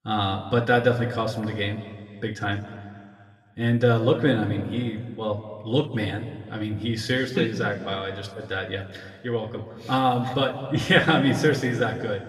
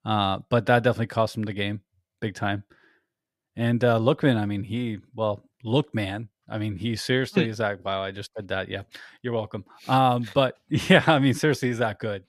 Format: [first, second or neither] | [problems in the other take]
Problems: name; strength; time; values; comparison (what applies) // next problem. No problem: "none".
second | room echo; slight; dies away in 1.7 s // off-mic speech; somewhat distant